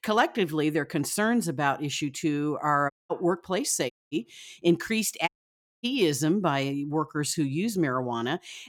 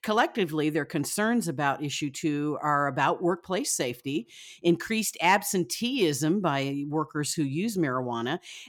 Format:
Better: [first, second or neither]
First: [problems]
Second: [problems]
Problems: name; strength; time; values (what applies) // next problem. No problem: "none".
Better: second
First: audio cutting out; at 3 s, at 4 s and at 5.5 s for 0.5 s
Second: none